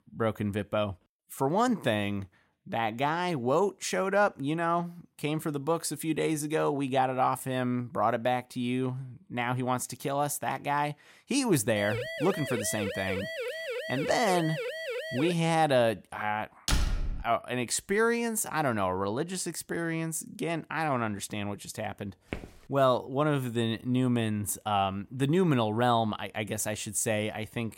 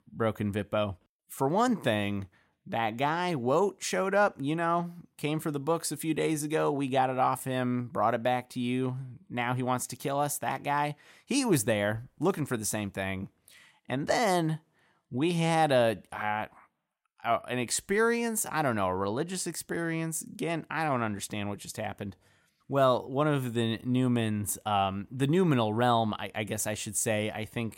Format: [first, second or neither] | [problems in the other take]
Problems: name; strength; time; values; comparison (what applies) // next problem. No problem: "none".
second | siren; noticeable; from 12 to 15 s; peak 5 dB below the speech // door banging; noticeable; at 17 s; peak level with the speech // footsteps; faint; at 22 s; peak 10 dB below the speech